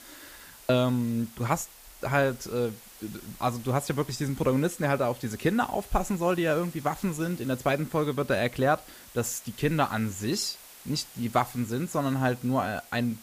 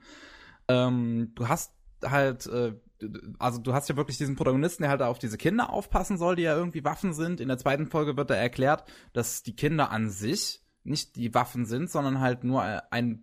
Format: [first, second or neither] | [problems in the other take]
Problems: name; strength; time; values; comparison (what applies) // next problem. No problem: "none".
second | hiss; noticeable; throughout; 20 dB below the speech